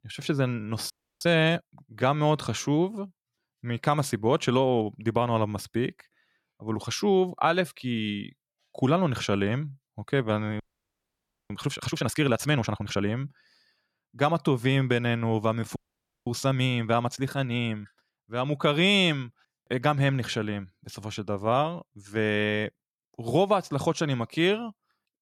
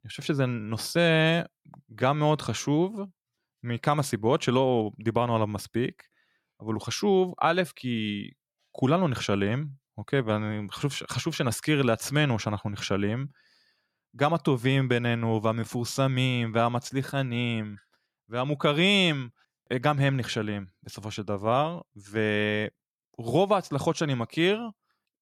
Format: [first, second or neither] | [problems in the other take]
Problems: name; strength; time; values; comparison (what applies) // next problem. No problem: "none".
second | audio freezing; at 1 s, at 11 s for 1 s and at 16 s for 0.5 s